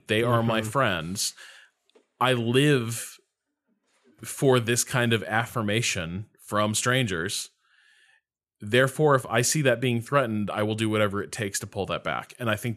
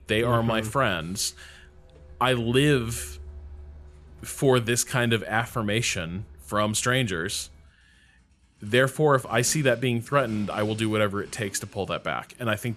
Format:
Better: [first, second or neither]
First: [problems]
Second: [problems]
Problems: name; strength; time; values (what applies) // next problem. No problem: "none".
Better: first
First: none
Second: traffic noise; faint; throughout; 25 dB below the speech